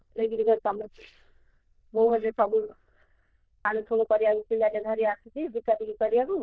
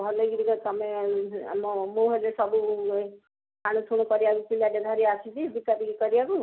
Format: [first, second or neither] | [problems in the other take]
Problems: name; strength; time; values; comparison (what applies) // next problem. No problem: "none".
second | noise reduction (neural diffusion model UNIVERSE++)